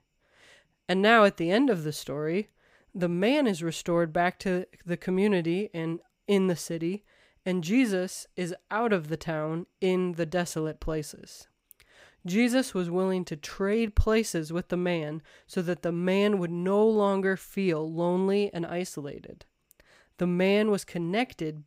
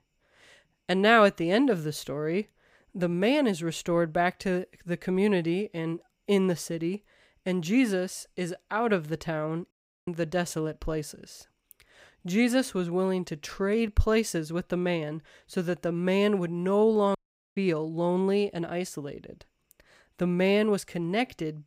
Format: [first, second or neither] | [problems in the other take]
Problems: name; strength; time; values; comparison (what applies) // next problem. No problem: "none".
first | audio cutting out; at 9.5 s and at 17 s